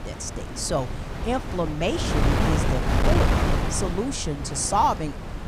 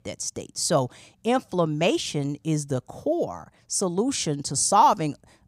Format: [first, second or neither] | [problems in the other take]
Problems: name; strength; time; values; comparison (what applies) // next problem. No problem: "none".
second | wind noise on the microphone; heavy; 3 dB below the speech